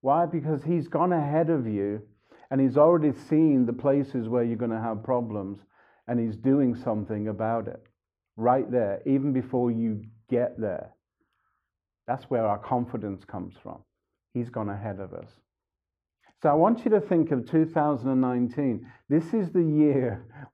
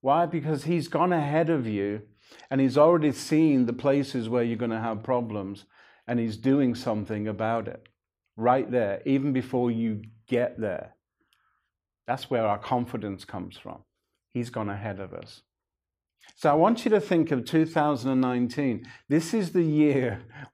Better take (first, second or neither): second